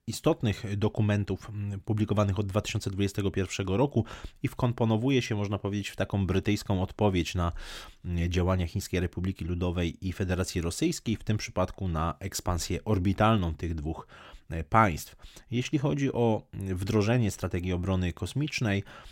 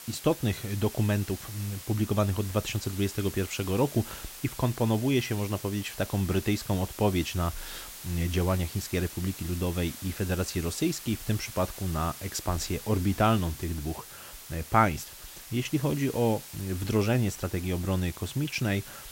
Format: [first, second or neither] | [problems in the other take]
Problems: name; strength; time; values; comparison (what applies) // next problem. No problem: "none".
first | hiss; noticeable; throughout; 10 dB below the speech